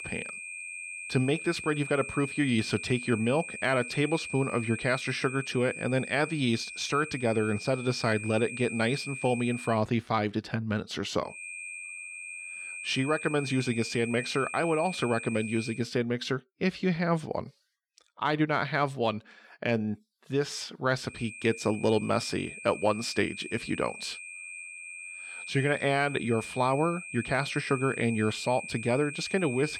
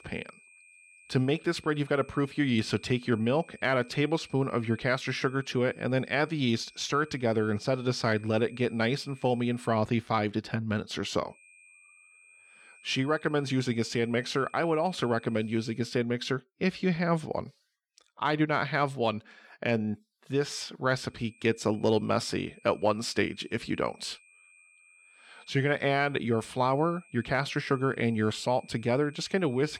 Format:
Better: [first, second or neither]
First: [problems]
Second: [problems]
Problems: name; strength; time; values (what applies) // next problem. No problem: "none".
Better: second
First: high-pitched whine; loud; until 9.5 s, from 11 to 16 s and from 21 s on; 2.5 kHz, 9 dB below the speech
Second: high-pitched whine; faint; until 9.5 s, from 11 to 16 s and from 21 s on; 2.5 kHz, 25 dB below the speech